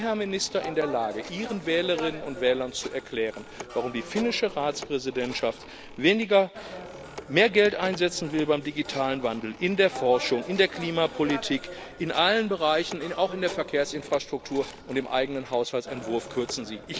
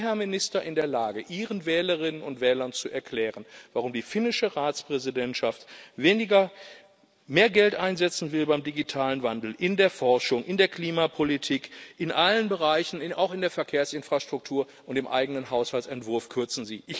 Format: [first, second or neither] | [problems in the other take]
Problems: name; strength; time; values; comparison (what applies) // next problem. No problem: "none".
second | background sound (Telephone); 14 dB below the speech